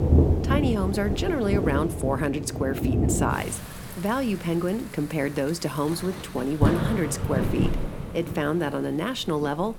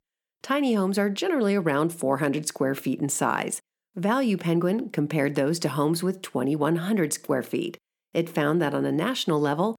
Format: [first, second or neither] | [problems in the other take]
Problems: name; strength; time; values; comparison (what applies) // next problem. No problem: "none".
second | rain or running water; very loud; throughout; as loud as the speech